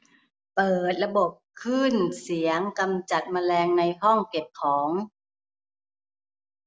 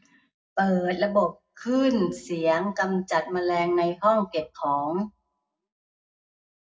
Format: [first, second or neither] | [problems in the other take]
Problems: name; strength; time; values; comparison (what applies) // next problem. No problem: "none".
first | room echo; dies away in 0.4 s